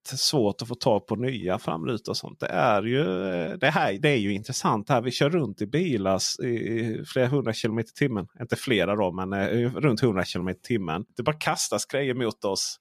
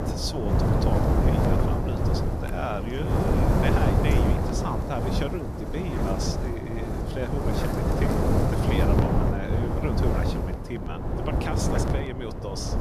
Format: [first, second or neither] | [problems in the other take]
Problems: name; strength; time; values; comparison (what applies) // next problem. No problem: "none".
first | wind noise on the microphone; heavy; 4 dB above the speech